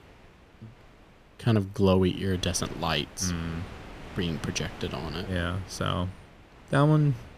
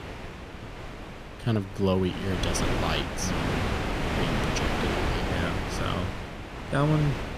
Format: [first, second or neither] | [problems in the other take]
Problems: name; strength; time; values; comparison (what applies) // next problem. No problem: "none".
first | wind noise on the microphone; heavy; 1 dB above the speech; occasional gusts in the first